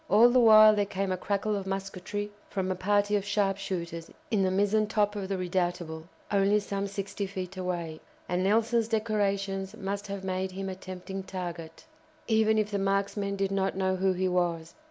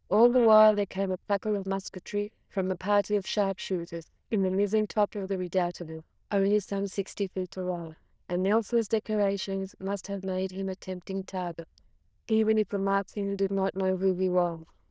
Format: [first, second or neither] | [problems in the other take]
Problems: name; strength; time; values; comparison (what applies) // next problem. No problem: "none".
first | noise reduction (neural diffusion model UNIVERSE++)